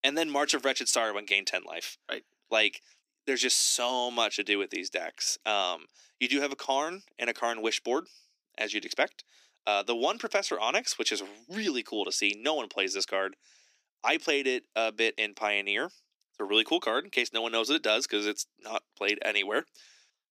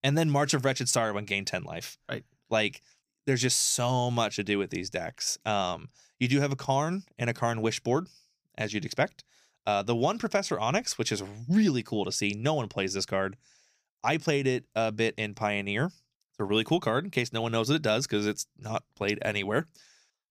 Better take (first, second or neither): second